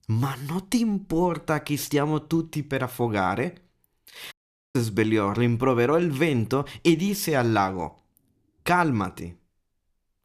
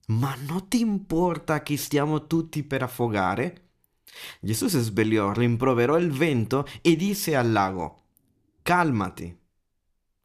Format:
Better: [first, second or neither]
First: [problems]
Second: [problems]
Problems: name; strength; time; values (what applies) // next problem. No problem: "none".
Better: second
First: audio cutting out; at 4.5 s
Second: none